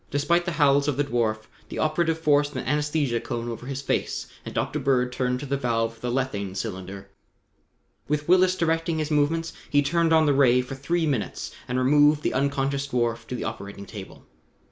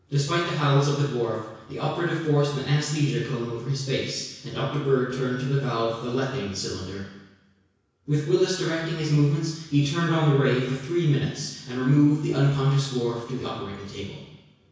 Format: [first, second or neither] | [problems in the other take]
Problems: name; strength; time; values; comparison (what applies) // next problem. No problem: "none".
first | room echo; dies away in 1.1 s